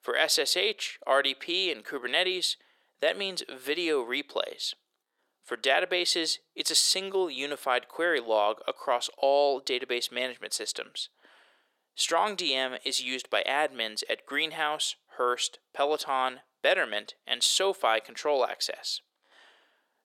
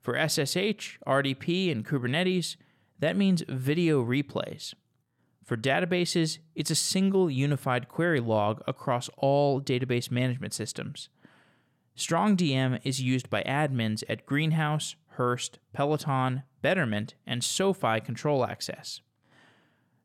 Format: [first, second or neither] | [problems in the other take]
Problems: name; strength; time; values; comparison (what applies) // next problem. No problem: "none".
second | thin; very; fading below 400 Hz